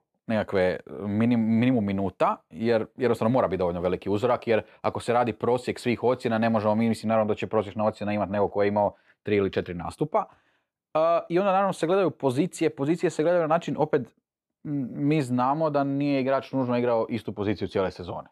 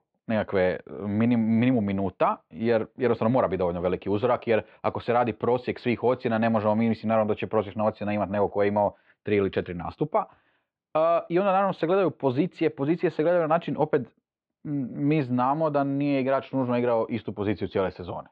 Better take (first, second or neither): first